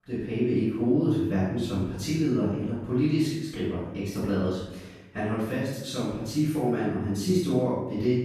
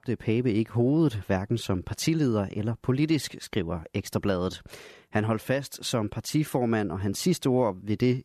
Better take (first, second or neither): second